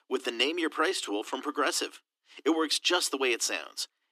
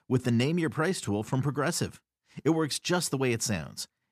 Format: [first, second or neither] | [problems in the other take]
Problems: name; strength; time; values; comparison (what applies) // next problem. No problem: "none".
second | thin; somewhat; fading below 300 Hz